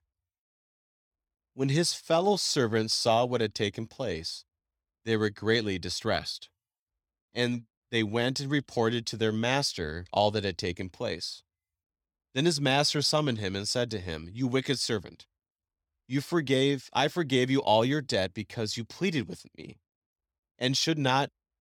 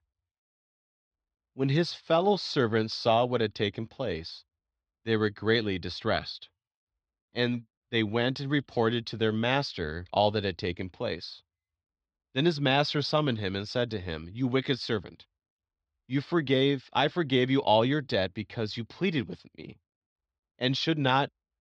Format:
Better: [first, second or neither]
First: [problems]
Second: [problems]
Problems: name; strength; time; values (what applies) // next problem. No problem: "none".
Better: first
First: none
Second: muffled; very slightly; fading above 4 kHz